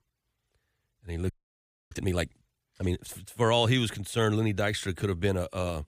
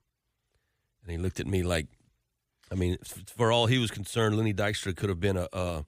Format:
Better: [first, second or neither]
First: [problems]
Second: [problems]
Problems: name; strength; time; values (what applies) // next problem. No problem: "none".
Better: second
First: audio freezing; at 1.5 s for 0.5 s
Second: none